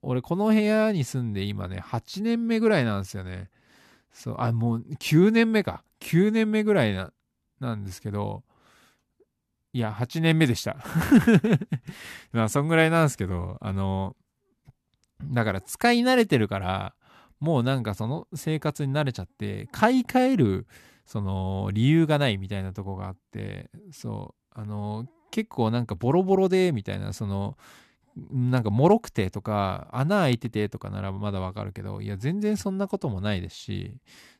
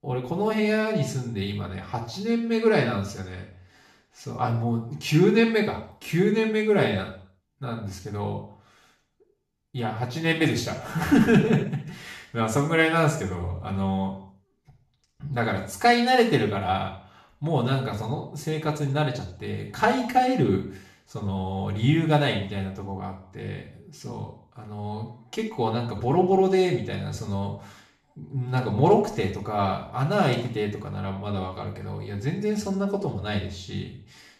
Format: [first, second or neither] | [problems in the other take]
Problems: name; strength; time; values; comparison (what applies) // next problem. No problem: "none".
first | room echo; noticeable; dies away in 0.5 s // off-mic speech; far